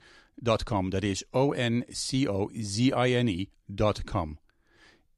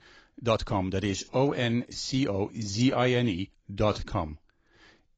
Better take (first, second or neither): first